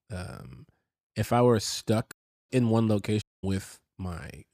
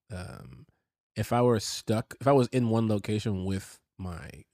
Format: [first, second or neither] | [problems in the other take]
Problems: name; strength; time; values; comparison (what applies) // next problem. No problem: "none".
second | audio cutting out; at 2 s and at 3 s